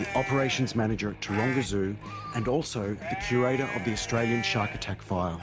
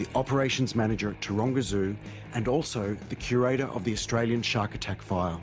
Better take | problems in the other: second | background sound (Livestock, farm animals, working animals); 9 dB below the speech

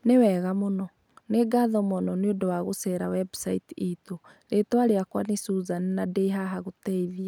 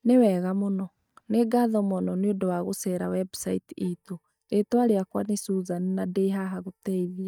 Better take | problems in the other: first | noise reduction (neural mask model DeepFilterNet 3)

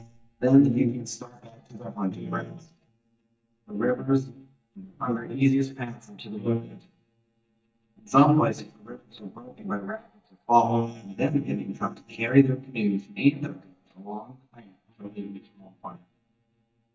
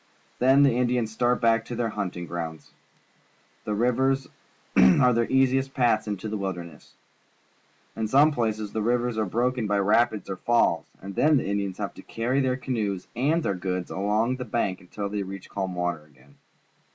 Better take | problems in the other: second | noise reduction (neural mask model DeepFilterNet 3)

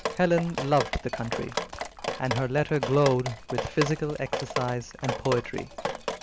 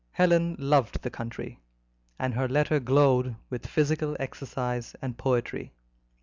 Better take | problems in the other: second | background sound (Drip); 6 dB below the speech

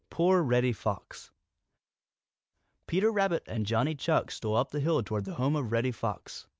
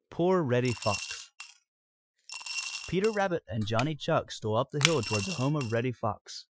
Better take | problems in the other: first | noise reduction (classical method Wiener filter)

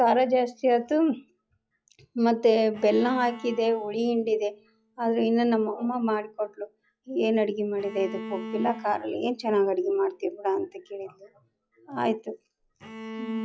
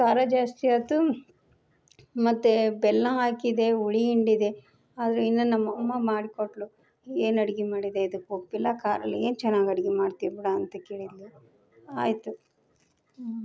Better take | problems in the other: second | noise reduction (classical method log-MMSE)

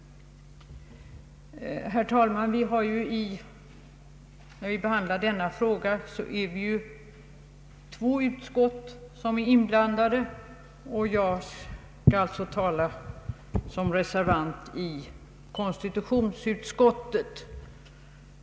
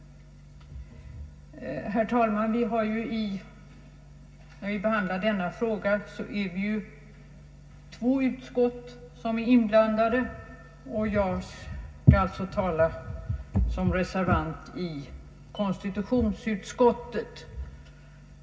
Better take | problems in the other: first | room echo; dies away in 0.4 s

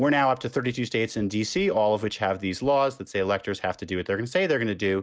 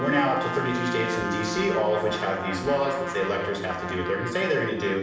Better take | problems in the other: first | background sound (Trumpet); 6 dB below the speech // room echo; dies away in 0.9 s

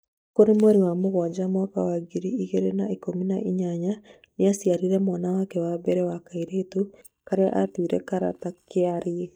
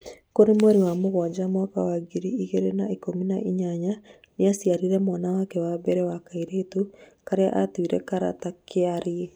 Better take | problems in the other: second | noise reduction (neural mask model DeepFilterNet 3)

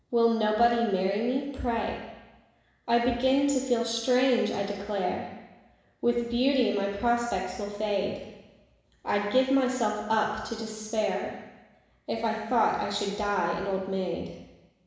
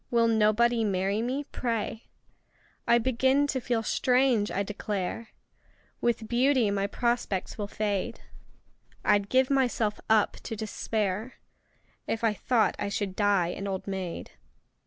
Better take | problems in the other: second | room echo; dies away in 1 s

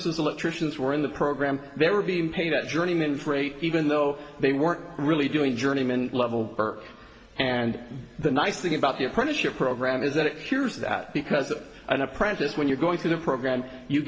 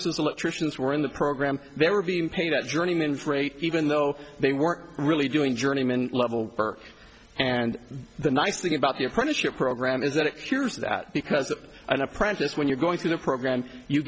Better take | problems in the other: second | room echo; dies away in 2.9 s

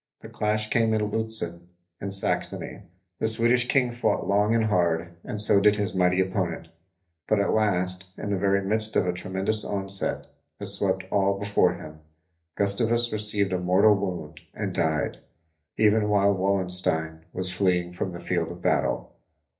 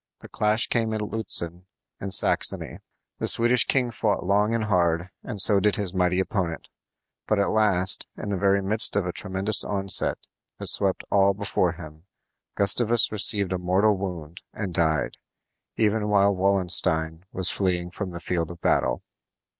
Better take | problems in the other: second | room echo; dies away in 0.3 s

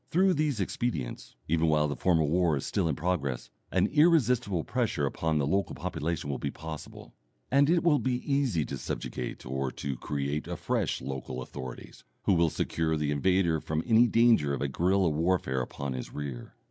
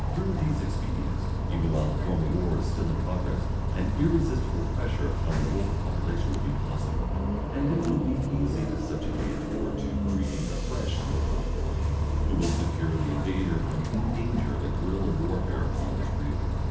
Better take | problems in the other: first | background sound (Bus); 4 dB above the speech // room echo; dies away in 0.9 s

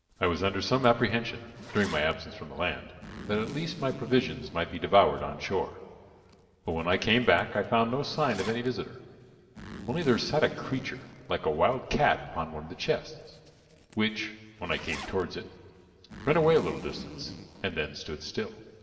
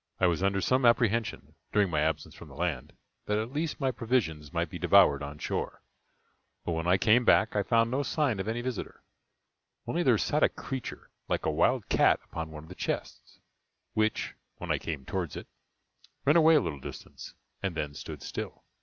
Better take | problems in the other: second | background sound (Zipper (clothing)); 17 dB below the speech // room echo; dies away in 1.8 s

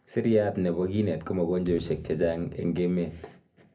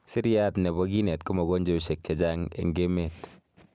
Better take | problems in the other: second | background sound (Thump, thud); 16 dB below the speech // room echo; dies away in 0.3 s

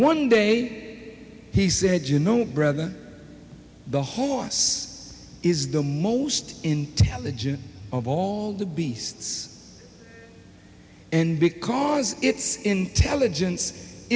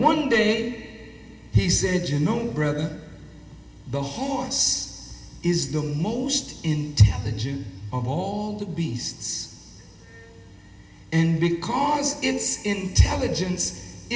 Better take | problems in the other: first | room echo; dies away in 0.9 s

